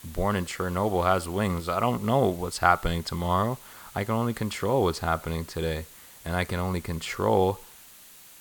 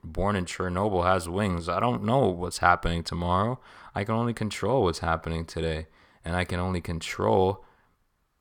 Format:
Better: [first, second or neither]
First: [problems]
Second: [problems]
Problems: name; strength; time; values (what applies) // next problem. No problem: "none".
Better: second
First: hiss; noticeable; throughout; 20 dB below the speech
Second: none